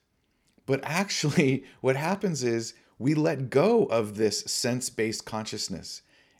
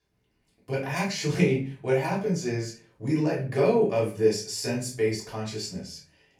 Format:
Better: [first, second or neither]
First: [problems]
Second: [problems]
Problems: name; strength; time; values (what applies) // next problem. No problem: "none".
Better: first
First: none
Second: off-mic speech; far // room echo; slight; dies away in 0.3 s